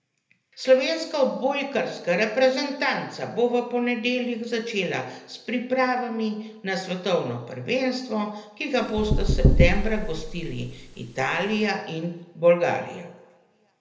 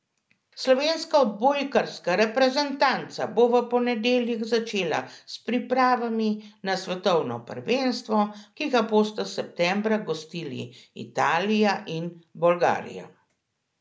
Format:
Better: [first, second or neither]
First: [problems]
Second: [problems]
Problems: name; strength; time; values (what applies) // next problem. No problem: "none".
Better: second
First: background sound (Knock / Wood); 2 dB above the speech // room echo; dies away in 0.8 s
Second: none